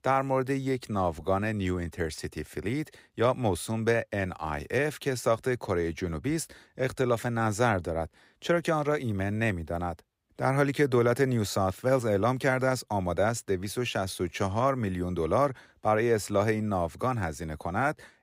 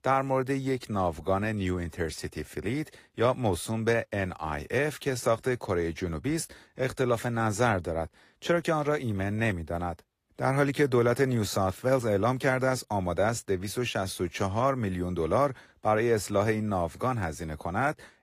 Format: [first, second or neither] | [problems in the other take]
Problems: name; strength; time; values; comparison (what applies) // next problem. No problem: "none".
first | garbled, watery; slightly; nothing above 15.5 kHz